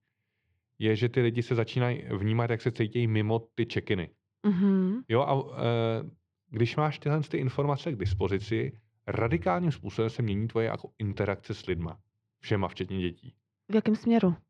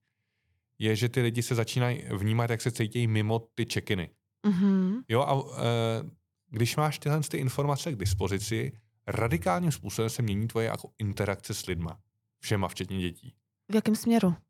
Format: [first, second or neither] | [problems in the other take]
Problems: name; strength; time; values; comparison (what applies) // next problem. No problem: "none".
second | muffled; slightly; fading above 3.5 kHz